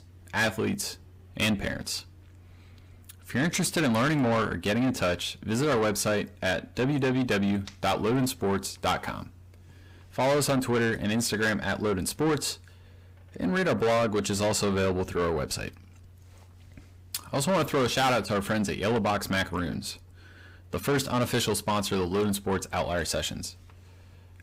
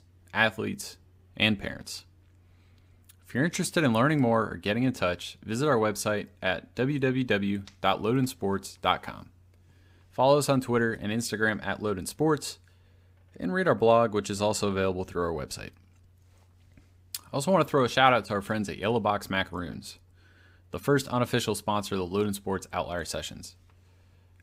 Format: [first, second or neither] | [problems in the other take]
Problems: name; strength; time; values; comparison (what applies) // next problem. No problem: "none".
second | distortion; heavy; 6 dB below the speech